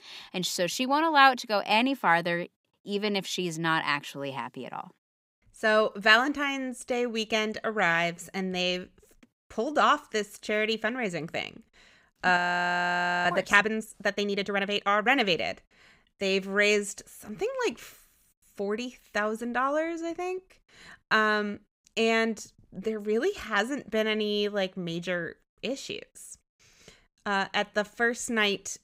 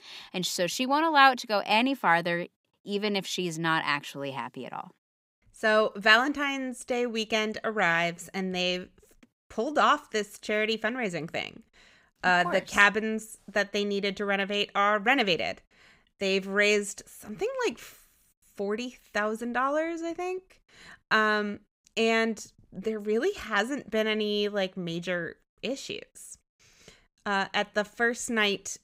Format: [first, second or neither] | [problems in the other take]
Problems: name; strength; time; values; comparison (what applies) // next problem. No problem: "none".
second | audio freezing; at 12 s for 1 s